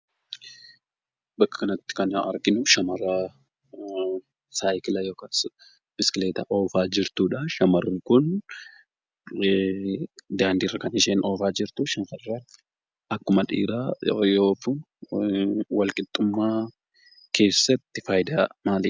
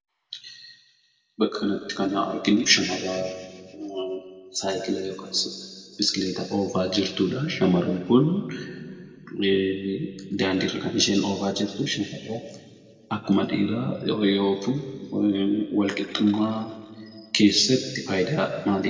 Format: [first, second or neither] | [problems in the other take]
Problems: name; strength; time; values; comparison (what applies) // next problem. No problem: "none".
first | room echo; dies away in 1.7 s